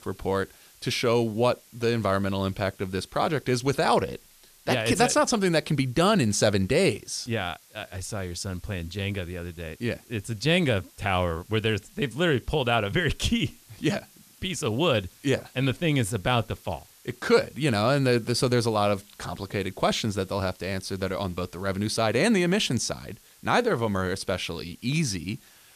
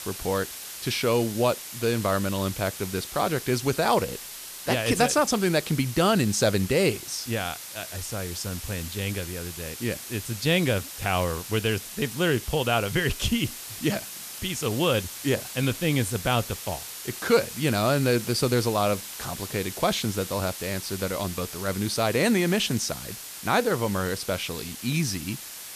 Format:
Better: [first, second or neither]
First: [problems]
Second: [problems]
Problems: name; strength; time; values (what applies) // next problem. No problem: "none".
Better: first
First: hiss; faint; throughout; 25 dB below the speech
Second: hiss; loud; throughout; 10 dB below the speech